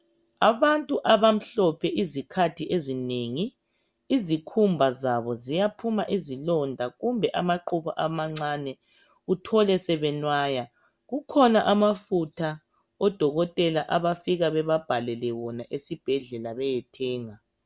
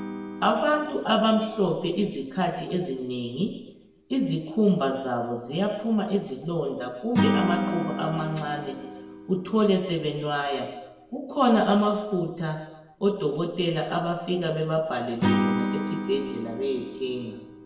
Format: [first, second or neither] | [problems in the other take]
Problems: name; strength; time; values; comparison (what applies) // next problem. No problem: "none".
first | background sound (Acoustic guitar / Strum); 7 dB below the speech // room echo; dies away in 1 s